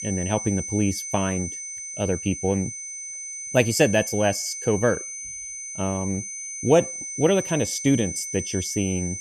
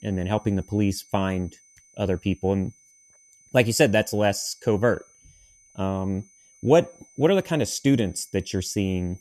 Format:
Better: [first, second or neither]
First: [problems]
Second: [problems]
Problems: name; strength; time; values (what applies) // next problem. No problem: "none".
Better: second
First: high-pitched whine; loud; throughout; 6 kHz, 7 dB below the speech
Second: high-pitched whine; faint; throughout; 6 kHz, 30 dB below the speech